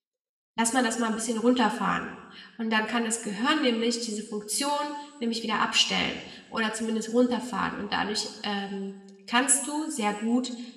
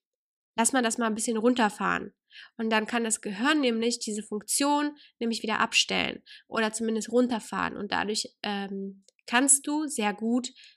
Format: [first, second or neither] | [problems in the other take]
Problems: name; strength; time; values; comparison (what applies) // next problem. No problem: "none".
second | room echo; slight; dies away in 0.9 s // off-mic speech; somewhat distant